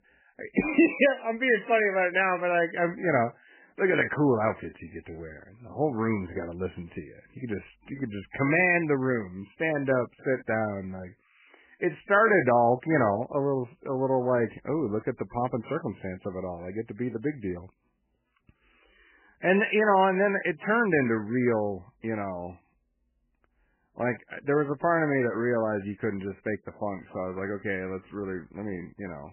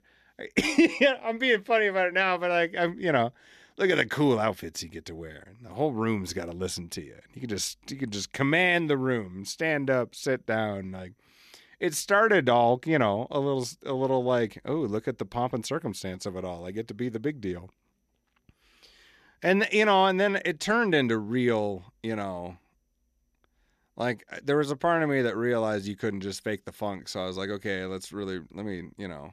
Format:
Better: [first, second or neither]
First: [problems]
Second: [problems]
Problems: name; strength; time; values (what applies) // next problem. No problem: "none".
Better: second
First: garbled, watery; badly; nothing above 2.5 kHz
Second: none